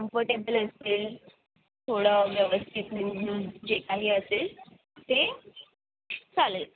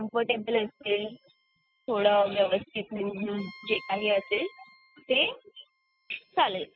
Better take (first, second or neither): first